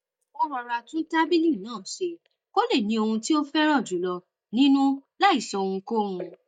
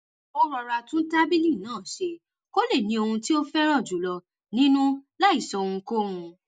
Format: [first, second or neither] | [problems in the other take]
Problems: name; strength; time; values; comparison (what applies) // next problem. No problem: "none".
second | noise reduction (neural mask model DeepFilterNet 3)